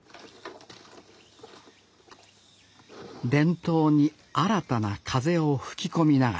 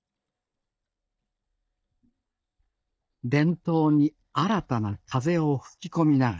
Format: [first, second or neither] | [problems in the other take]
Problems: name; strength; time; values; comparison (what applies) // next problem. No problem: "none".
first | noise reduction (neural mask model DeepFilterNet 3)